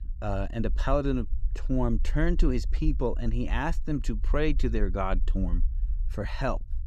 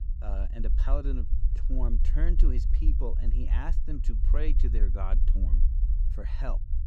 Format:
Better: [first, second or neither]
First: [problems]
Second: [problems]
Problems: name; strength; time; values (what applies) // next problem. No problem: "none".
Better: first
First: low rumble; faint; throughout; 25 dB below the speech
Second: low rumble; loud; throughout; 8 dB below the speech